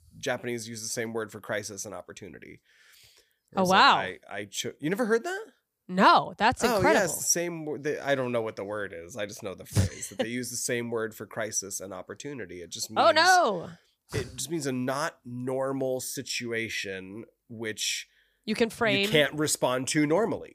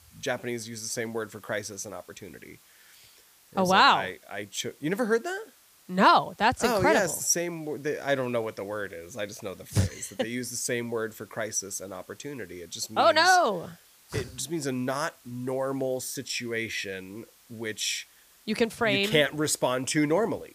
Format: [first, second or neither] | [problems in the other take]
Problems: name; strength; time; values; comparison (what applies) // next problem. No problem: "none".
first | hiss; faint; throughout; 30 dB below the speech